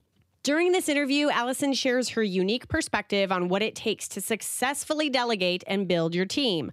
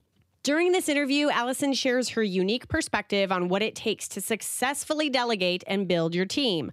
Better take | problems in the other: neither | none

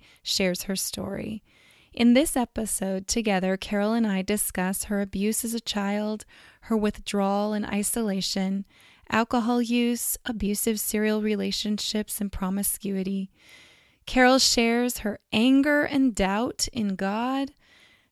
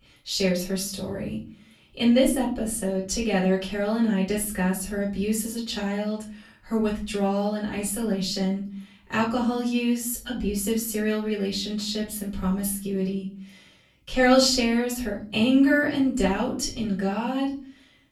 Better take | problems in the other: first | off-mic speech; far // room echo; slight; dies away in 0.4 s

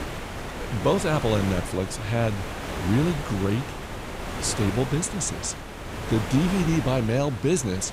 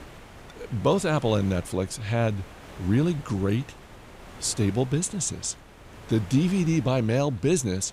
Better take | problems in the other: second | wind noise on the microphone; heavy; 5 dB below the speech; occasional gusts in the second

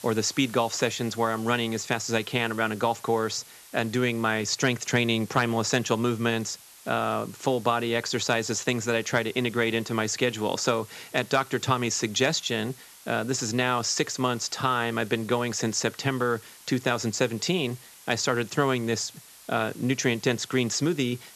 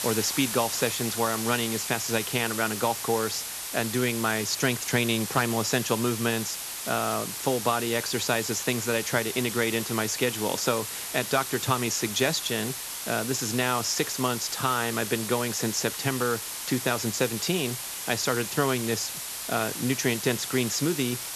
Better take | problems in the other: first | hiss; loud; throughout; 5 dB below the speech; faint in the first

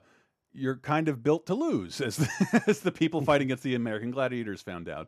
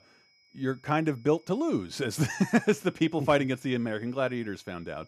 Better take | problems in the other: first | high-pitched whine; faint; throughout; 5 kHz, 30 dB below the speech

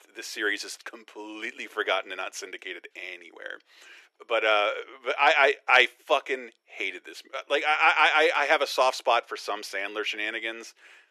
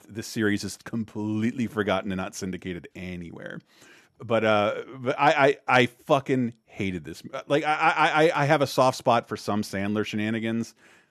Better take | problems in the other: second | thin; very; fading below 350 Hz

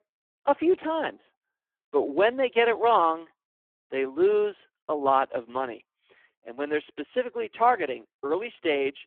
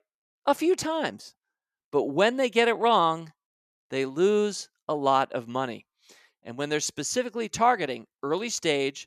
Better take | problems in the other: second | phone-call audio; poor line

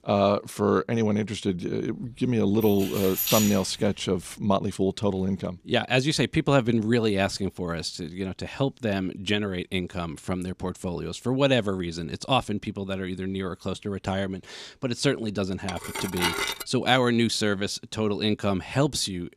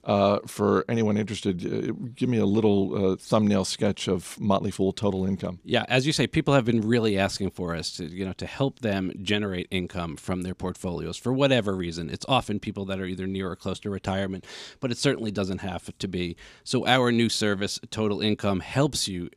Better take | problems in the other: second | jangling keys; loud; from 2.5 to 3.5 s; peak 2 dB above the speech // clattering dishes; loud; at 16 s; peak 1 dB above the speech

